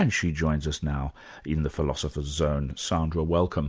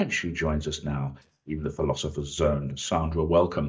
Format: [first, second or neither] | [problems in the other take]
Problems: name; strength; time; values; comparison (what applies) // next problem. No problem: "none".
first | noise reduction (neural mask model DeepFilterNet 3)